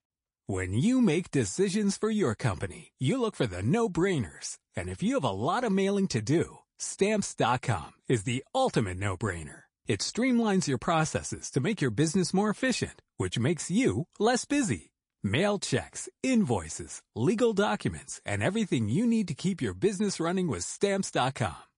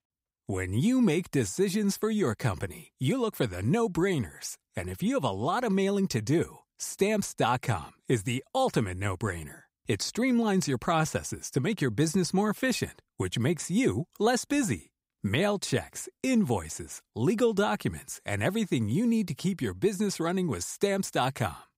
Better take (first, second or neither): second